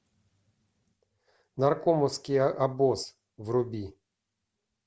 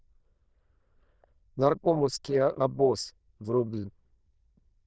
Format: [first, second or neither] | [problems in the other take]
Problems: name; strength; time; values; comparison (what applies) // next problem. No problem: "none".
first | noise reduction (neural diffusion model UNIVERSE++)